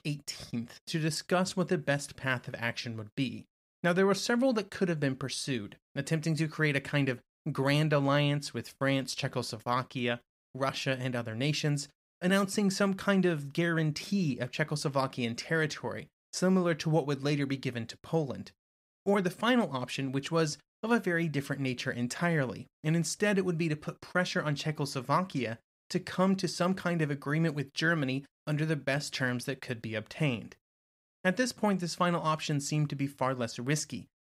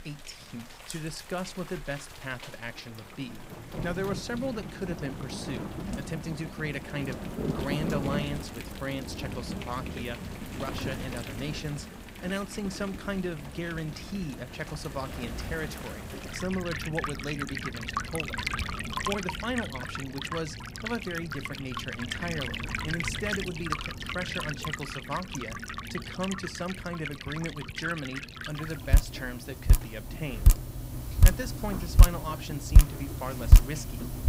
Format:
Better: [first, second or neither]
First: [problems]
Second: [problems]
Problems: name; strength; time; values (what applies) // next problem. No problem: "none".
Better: first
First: none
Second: rain or running water; very loud; throughout; 5 dB above the speech